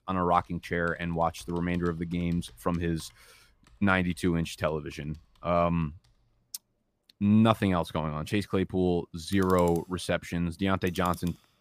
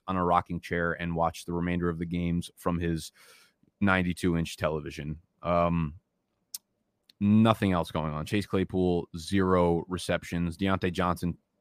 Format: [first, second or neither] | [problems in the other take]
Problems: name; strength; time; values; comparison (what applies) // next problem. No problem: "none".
second | household noises; faint; throughout; 25 dB below the speech